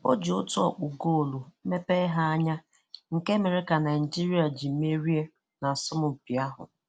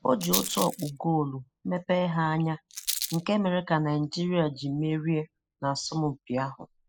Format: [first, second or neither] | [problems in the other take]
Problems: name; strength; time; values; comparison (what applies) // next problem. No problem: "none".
first | noise reduction (classical method spectral subtraction)